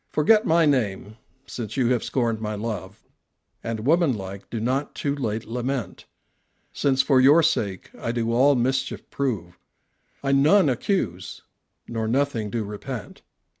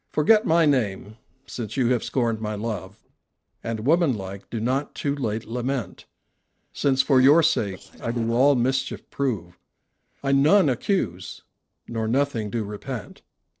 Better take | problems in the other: first | noise reduction (neural separator model SepFormer DNS4)

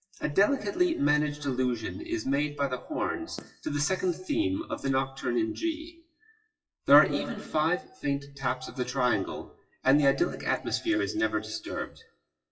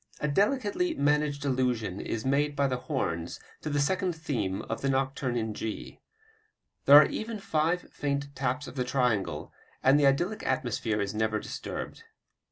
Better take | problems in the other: second | noise reduction (classical method WPE with log-MMSE)

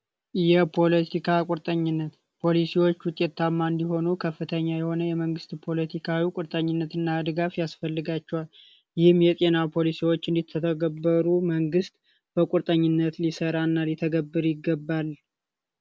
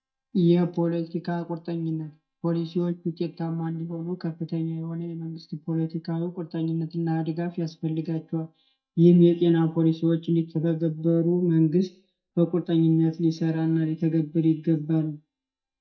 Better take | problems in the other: first | noise reduction (neural mask model DeepFilterNet 3)

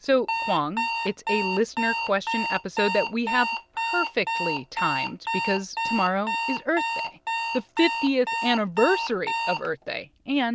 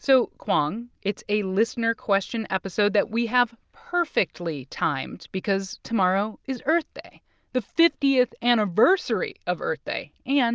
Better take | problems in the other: second | background sound (Alarm); 3 dB below the speech

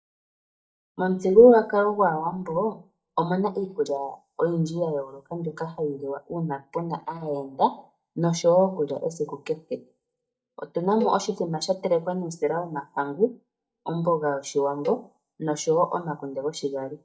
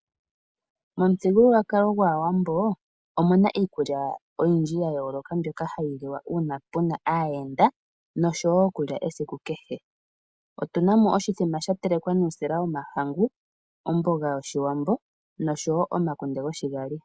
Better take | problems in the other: second | noise reduction (neural mask model DeepFilterNet 3)

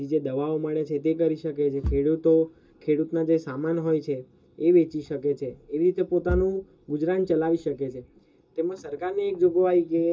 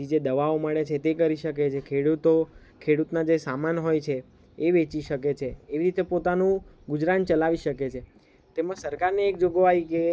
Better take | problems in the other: second | background sound (Bass drum / Thump, thud); 16 dB below the speech // room echo; dies away in 0.2 s

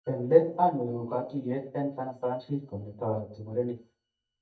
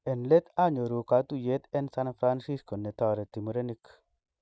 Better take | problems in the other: second | noise reduction (neural mask model DeepFilterNet 3)

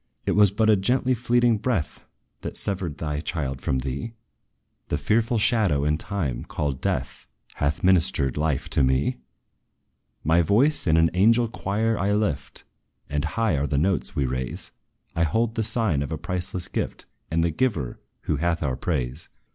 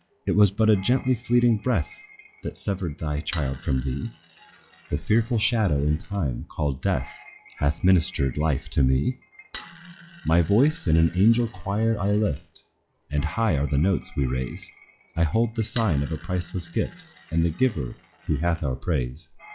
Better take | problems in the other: first | noise reduction (classical method log-MMSE)

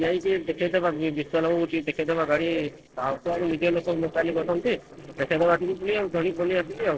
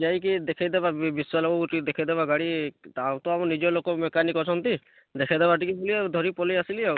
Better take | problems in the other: second | noise reduction (neural separator model SepFormer DNS4)

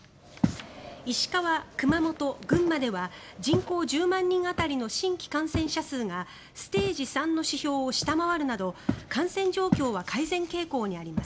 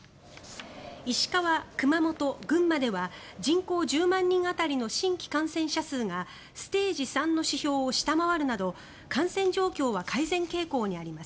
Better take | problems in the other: second | background sound (Walk, footsteps); 8 dB below the speech

